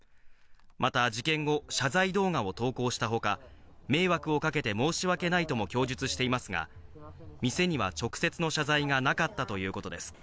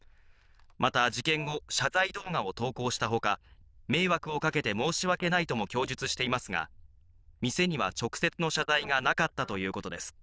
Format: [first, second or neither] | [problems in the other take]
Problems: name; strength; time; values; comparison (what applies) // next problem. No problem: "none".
first | noise reduction (neural diffusion model UNIVERSE++)